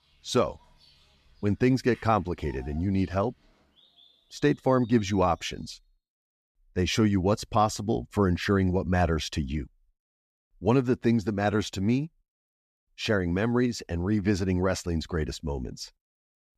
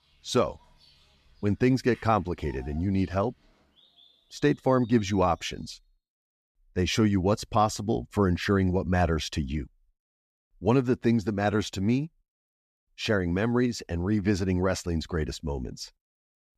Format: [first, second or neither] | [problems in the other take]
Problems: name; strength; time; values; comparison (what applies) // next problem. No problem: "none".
neither | animal sounds; faint; until 5.5 s; 30 dB below the speech; the same in both